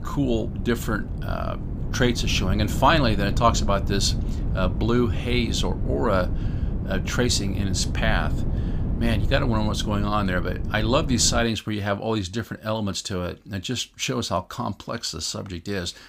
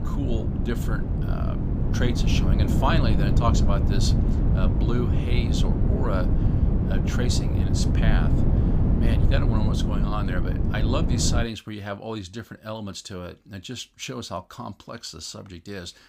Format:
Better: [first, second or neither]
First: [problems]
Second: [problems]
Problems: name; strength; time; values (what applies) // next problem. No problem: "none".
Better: first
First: wind noise on the microphone; occasional gusts; until 11 s; 15 dB below the speech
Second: wind noise on the microphone; heavy; until 11 s; 1 dB below the speech